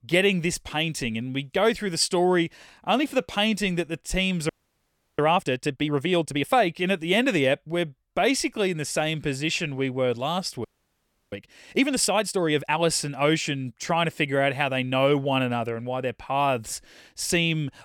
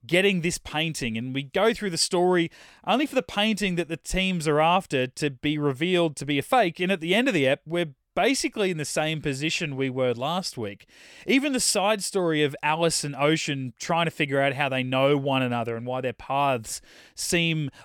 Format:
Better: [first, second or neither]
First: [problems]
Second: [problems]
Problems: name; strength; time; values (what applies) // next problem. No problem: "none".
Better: second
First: audio freezing; at 4.5 s for 0.5 s and at 11 s for 0.5 s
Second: none